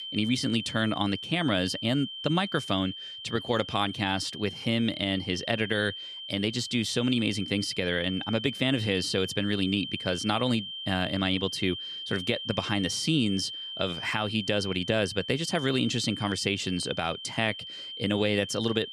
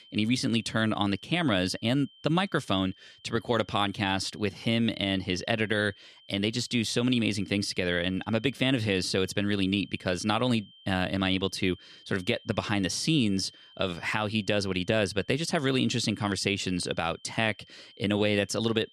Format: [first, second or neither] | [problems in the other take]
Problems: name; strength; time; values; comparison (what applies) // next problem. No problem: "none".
second | high-pitched whine; loud; throughout; 3 kHz, 8 dB below the speech; faint in the second